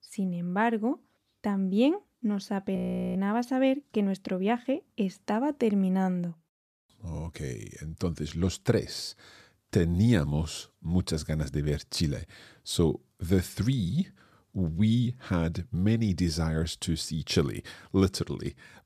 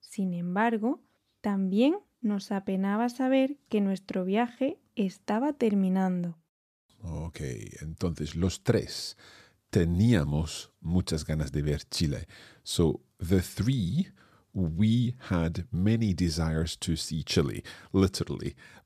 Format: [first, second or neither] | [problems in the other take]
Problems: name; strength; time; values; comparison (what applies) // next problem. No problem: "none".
second | audio freezing; at 3 s